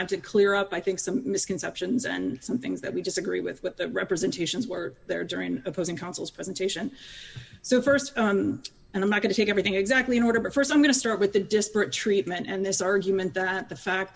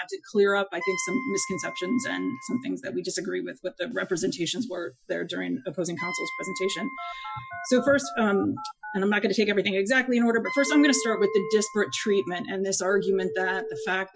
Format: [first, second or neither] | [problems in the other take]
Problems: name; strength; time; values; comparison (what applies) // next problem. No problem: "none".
first | noise reduction (classical method Wiener filter)